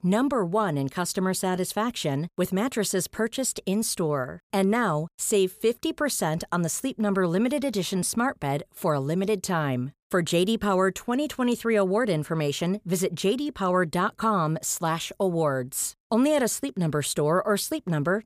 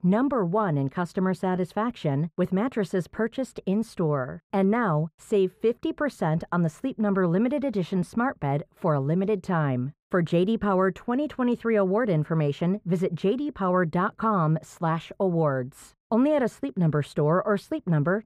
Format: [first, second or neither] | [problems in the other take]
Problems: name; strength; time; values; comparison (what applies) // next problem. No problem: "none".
first | muffled; very; fading above 3.5 kHz